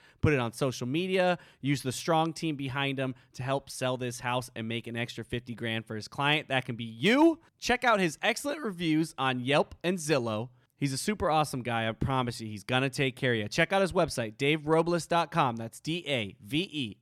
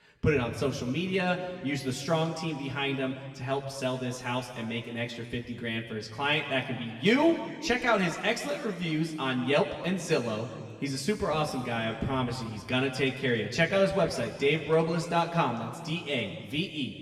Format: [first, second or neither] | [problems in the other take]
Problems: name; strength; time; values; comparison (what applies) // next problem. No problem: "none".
first | room echo; slight; dies away in 2 s // off-mic speech; somewhat distant